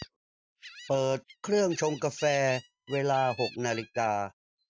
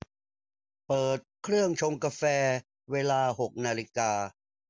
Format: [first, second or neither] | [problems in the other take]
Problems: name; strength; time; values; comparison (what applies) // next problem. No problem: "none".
second | noise reduction (neural mask model RNNoise)